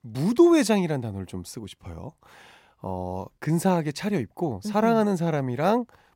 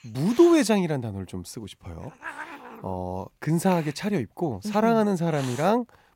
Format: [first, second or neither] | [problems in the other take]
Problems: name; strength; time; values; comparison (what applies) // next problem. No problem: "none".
first | hiss; noticeable; throughout; 20 dB below the speech